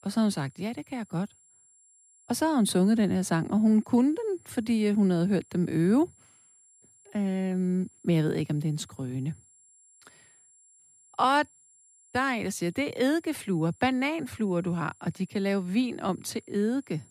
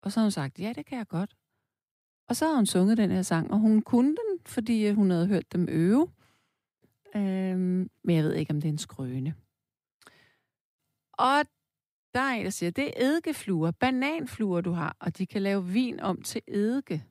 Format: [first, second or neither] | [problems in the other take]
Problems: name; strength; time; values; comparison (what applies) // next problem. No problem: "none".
second | high-pitched whine; faint; throughout; 7.5 kHz, 30 dB below the speech